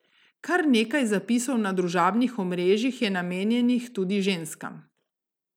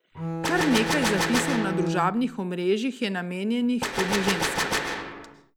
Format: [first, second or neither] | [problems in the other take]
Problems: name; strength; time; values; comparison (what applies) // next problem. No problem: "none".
first | background sound (Bowed string instrument + Gunshot, gunfire); 1 dB below the speech